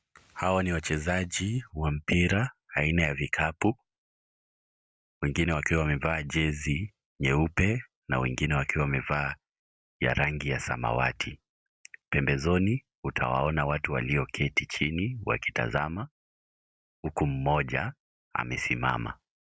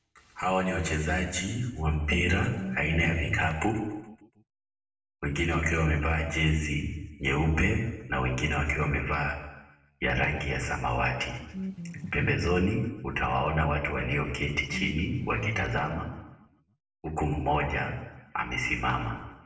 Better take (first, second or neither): first